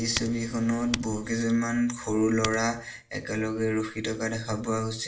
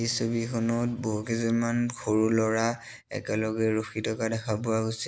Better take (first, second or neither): second